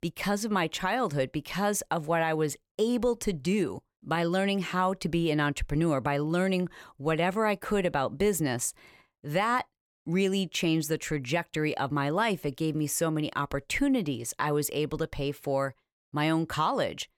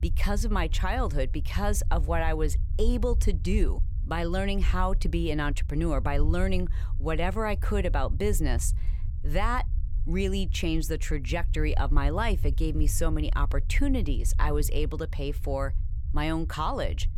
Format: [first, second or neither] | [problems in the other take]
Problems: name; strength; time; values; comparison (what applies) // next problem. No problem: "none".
first | low rumble; noticeable; throughout; 20 dB below the speech